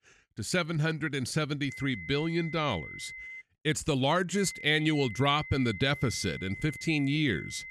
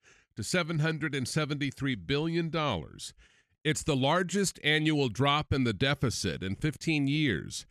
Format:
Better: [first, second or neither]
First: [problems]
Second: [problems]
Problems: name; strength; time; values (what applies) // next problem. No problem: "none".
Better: second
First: high-pitched whine; noticeable; from 1.5 to 3.5 s and from 4.5 s on; 2 kHz, 10 dB below the speech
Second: none